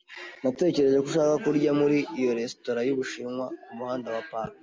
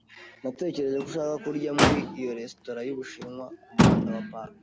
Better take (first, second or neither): first